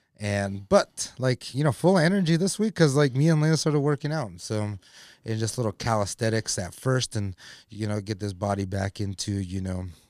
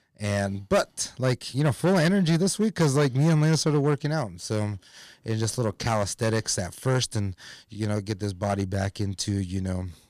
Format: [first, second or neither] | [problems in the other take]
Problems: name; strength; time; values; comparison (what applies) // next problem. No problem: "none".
first | distortion; slight; 5% of the sound clipped